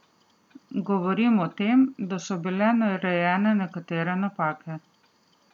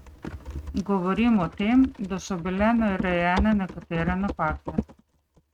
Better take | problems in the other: first | noise reduction (neural mask model RNNoise)

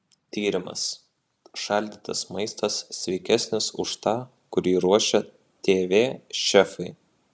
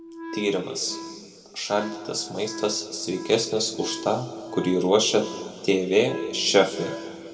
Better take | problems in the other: first | background sound (Wind instrument, woodwind instrument); 13 dB below the speech // room echo; dies away in 2 s

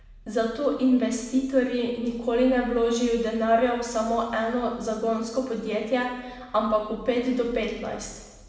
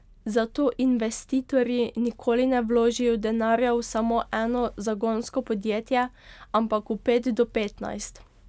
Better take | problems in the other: second | room echo; dies away in 1.1 s

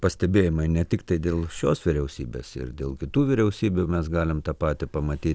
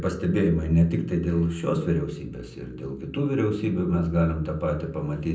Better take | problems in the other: first | room echo; dies away in 0.6 s

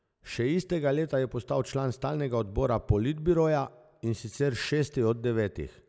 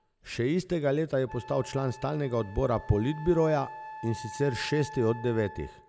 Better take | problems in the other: first | background sound (Wind instrument, woodwind instrument); 16 dB below the speech

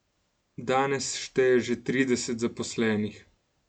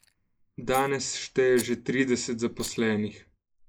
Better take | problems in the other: first | noise reduction (neural mask model Resemble Enhance denoiser)

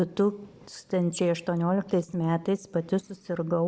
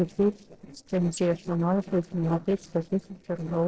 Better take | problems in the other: first | noise reduction (neural separator model SepFormer DNS4)

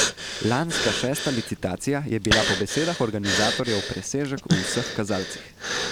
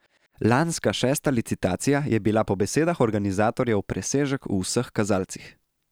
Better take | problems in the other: second | background sound (Breathing); 1 dB below the speech

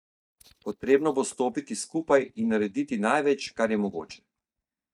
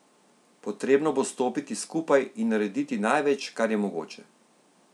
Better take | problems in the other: second | noise reduction (neural mask model DeepFilterNet 3)

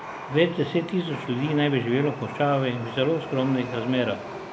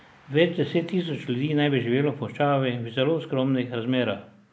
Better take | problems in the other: second | background sound (Chatter / Subway, metro, underground); 12 dB below the speech

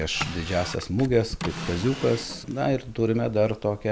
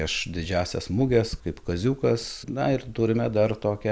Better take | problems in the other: second | background sound (Drawer open or close); 13 dB below the speech

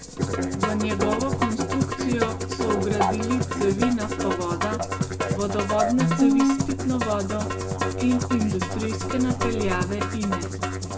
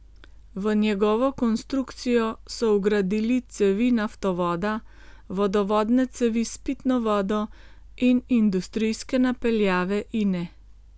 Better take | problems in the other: second | background sound (Musical instrument); 1 dB above the speech // room echo; dies away in 0.7 s

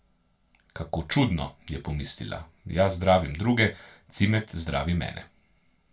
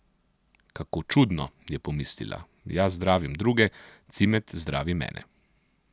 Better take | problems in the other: second | room echo; dies away in 0.2 s

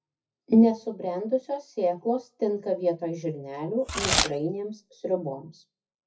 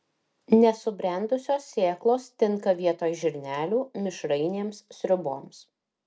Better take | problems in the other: second | noise reduction (classical method WPE with log-MMSE)

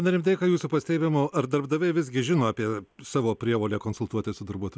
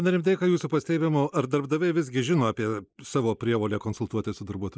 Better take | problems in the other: first | noise reduction (neural mask model Resemble Enhance denoiser)

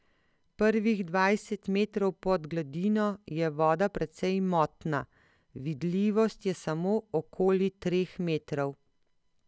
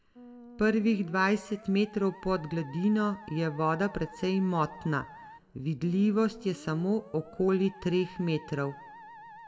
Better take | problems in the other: first | background sound (Musical instrument); 20 dB below the speech // room echo; dies away in 0.6 s

